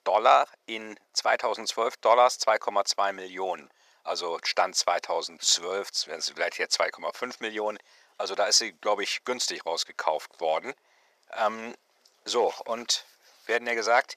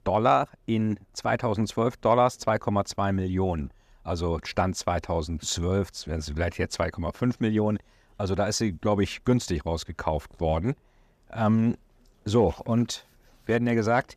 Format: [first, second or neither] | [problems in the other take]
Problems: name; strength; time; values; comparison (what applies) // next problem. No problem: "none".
second | thin; very; fading below 550 Hz